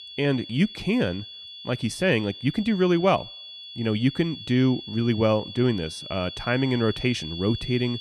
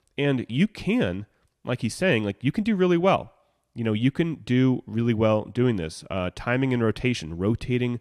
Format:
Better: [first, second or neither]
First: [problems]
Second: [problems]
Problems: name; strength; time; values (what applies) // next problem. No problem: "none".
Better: second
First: high-pitched whine; noticeable; throughout; 3.5 kHz, 10 dB below the speech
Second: none